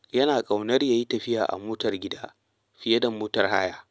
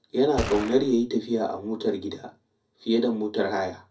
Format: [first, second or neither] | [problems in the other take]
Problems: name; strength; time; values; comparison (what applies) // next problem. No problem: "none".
first | background sound (Gunshot, gunfire); 7 dB below the speech // room echo; dies away in 0.3 s